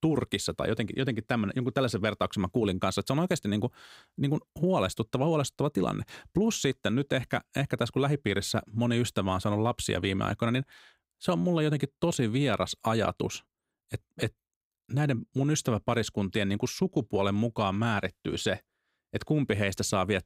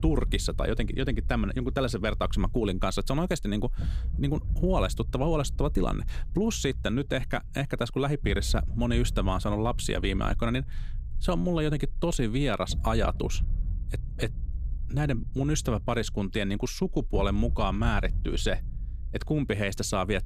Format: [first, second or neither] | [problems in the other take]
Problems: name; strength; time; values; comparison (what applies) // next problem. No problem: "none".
first | low rumble; faint; throughout; 20 dB below the speech